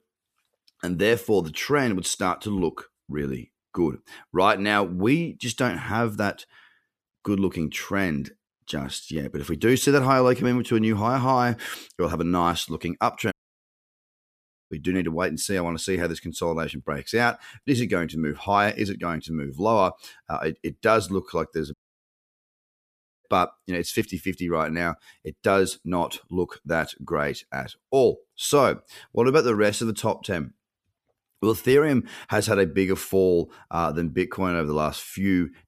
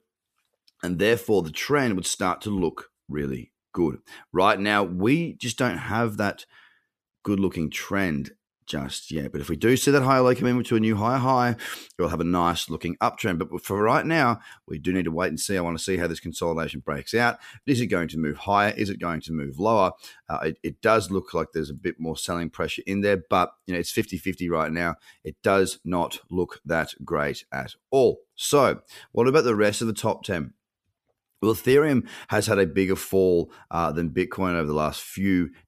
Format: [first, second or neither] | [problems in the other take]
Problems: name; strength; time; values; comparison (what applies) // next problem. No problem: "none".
second | audio cutting out; at 13 s for 1.5 s and at 22 s for 1.5 s